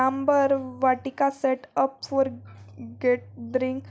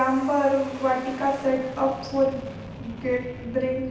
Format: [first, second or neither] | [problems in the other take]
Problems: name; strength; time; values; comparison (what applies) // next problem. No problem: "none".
first | background sound (Fixed-wing aircraft, airplane); 15 dB below the speech // room echo; dies away in 0.9 s